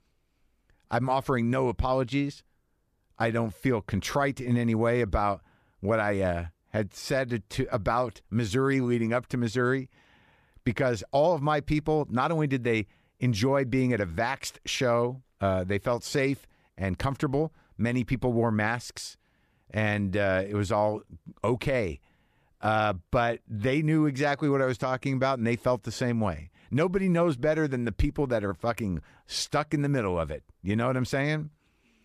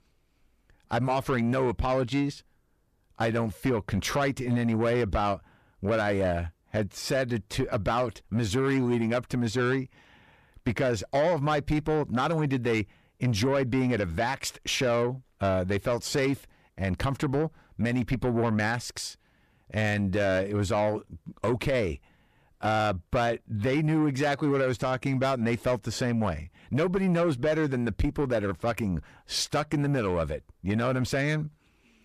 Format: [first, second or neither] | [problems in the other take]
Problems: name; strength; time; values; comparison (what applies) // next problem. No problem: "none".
first | distortion; slight; 10 dB below the speech